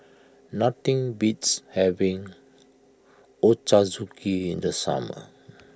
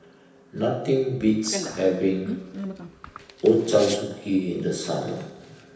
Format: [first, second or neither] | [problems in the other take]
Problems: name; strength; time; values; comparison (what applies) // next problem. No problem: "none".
first | background sound (Bicycle); 14 dB below the speech // room echo; dies away in 0.9 s